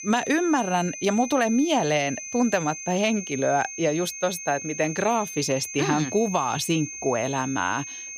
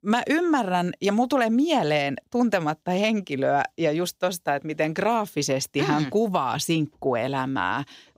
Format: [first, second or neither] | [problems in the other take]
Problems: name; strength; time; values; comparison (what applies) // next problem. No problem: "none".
second | high-pitched whine; loud; throughout; 6.5 kHz, 9 dB below the speech